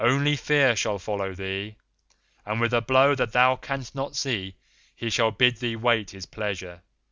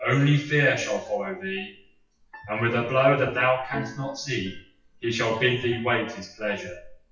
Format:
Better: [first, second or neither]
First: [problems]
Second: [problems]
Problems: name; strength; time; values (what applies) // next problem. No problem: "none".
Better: first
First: none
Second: noise reduction (classical method WPE with log-MMSE)